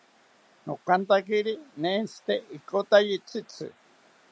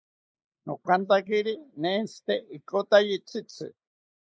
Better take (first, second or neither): first